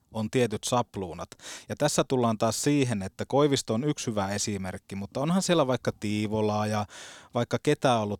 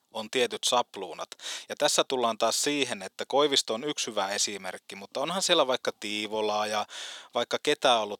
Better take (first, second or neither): first